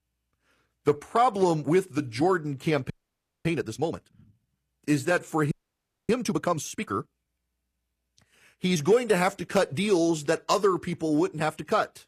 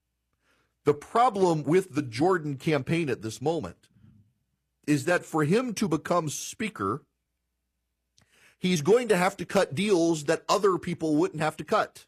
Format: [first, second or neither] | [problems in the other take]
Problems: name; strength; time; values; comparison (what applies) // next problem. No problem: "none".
second | audio freezing; at 3 s for 0.5 s and at 5.5 s for 0.5 s